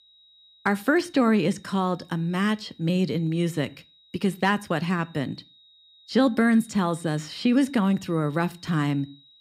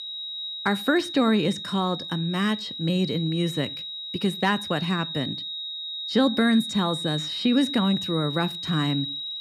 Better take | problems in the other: first | high-pitched whine; loud; throughout; 4 kHz, 6 dB below the speech; faint in the first

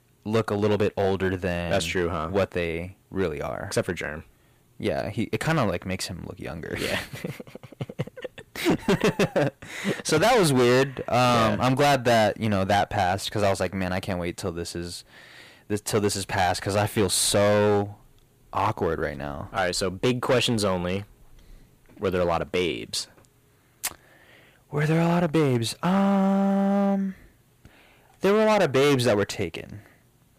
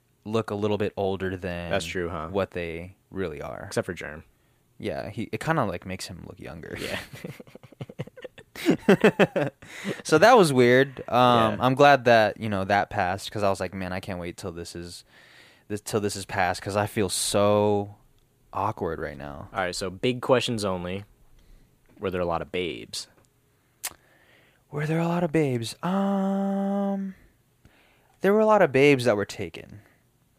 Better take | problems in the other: second | distortion; heavy; 9% of the sound clipped

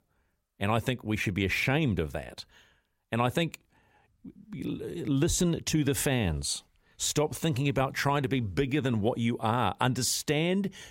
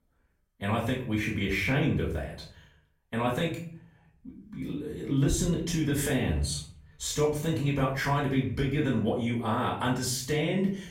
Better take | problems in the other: first | off-mic speech; far // room echo; slight; dies away in 0.5 s

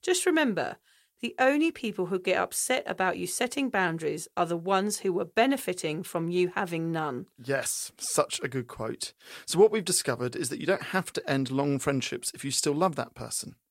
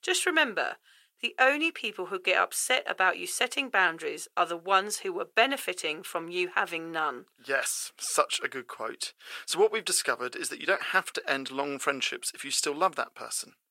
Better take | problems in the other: first | thin; somewhat; fading below 450 Hz

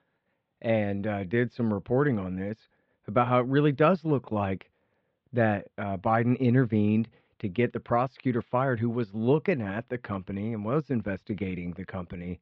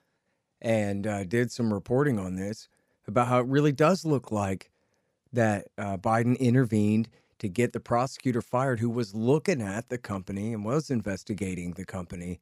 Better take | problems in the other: second | muffled; very; fading above 3.5 kHz

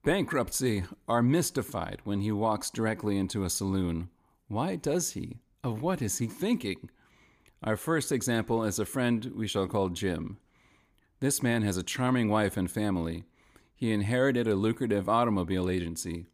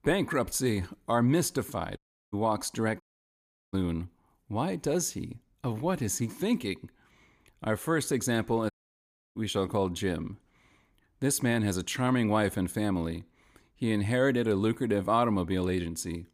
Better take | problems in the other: first | audio cutting out; at 2 s, at 3 s for 0.5 s and at 8.5 s for 0.5 s

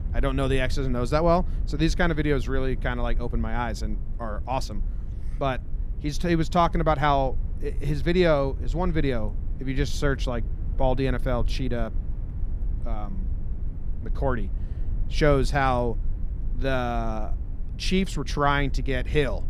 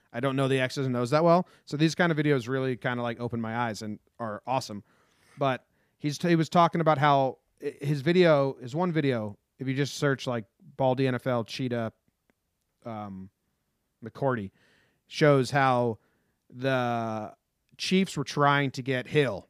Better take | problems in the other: second | low rumble; faint; throughout; 25 dB below the speech

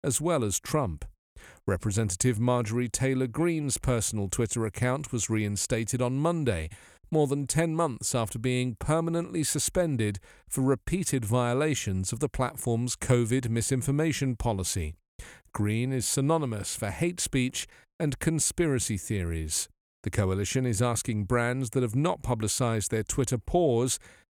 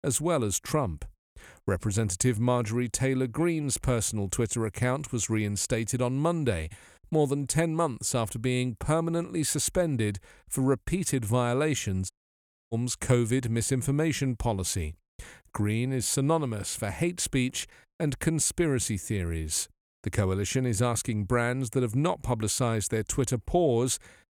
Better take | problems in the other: first | audio cutting out; at 12 s for 0.5 s

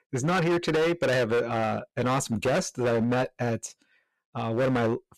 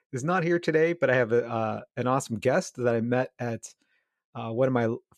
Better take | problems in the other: second | distortion; heavy; 19% of the sound clipped

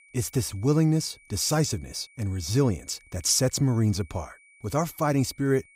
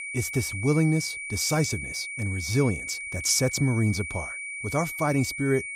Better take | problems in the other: first | high-pitched whine; loud; throughout; 2.5 kHz, 7 dB below the speech; faint in the first

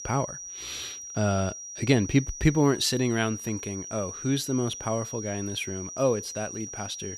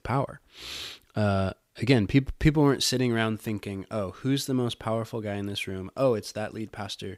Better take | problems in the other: second | high-pitched whine; loud; throughout; 6 kHz, 9 dB below the speech

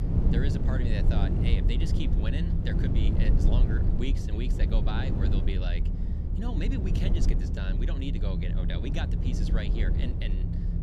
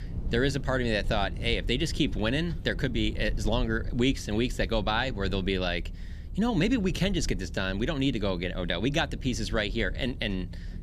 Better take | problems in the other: second | low rumble; loud; throughout; 1 dB below the speech; faint in the second

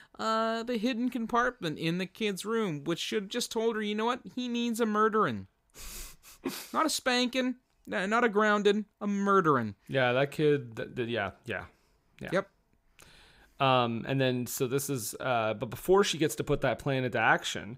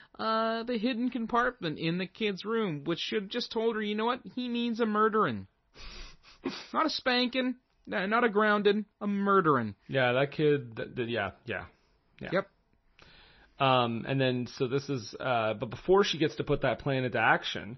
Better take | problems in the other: first | garbled, watery; slightly; nothing above 6 kHz

